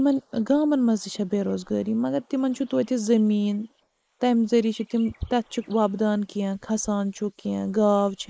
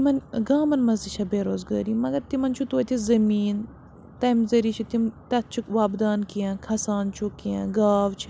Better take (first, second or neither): second